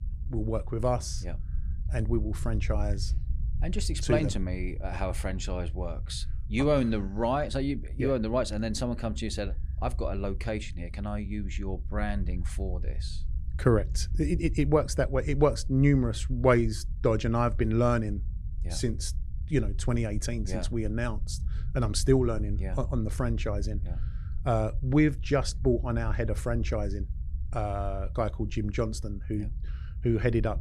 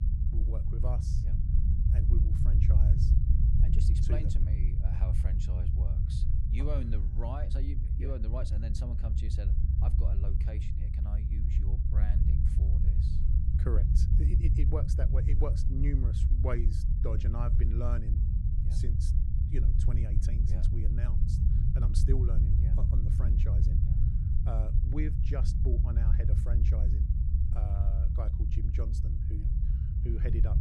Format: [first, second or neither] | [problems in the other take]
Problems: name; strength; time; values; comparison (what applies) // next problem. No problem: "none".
first | low rumble; loud; throughout; as loud as the speech; faint in the first